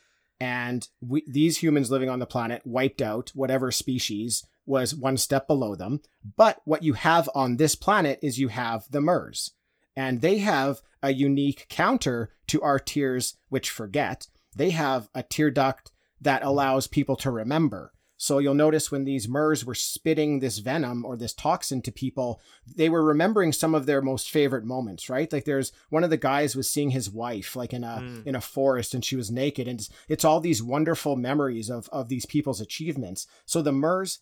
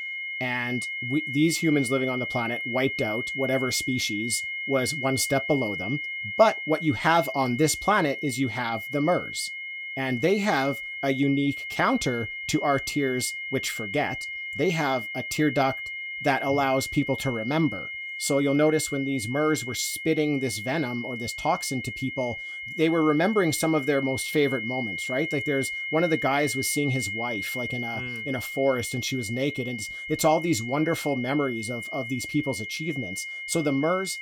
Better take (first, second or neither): first